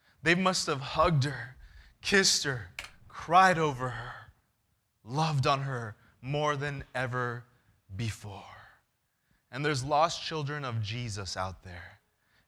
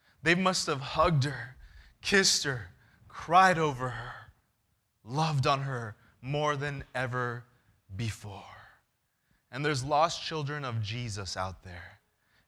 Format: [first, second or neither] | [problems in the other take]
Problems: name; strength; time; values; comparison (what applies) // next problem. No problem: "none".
second | keyboard typing; faint; at 3 s; peak 15 dB below the speech